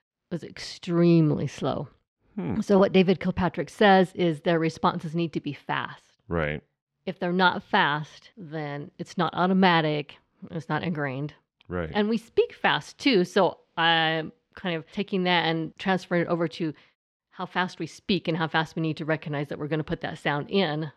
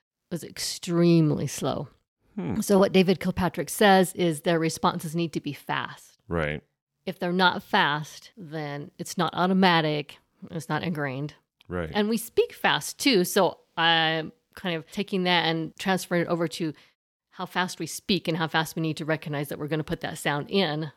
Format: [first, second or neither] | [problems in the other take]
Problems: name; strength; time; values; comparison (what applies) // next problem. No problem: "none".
second | muffled; very slightly; fading above 3.5 kHz